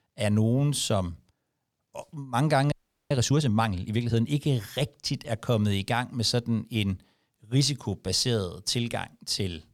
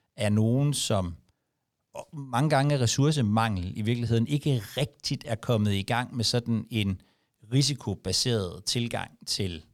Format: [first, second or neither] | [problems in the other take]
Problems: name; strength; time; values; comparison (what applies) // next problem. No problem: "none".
second | audio freezing; at 2.5 s